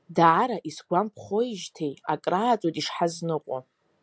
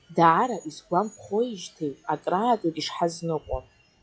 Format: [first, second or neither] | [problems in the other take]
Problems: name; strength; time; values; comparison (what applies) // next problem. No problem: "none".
first | noise reduction (classical method log-MMSE)